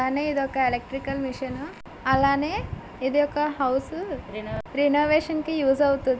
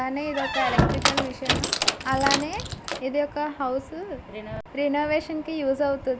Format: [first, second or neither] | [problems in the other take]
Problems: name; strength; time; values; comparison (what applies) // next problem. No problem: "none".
first | background sound (Squeak); 2 dB above the speech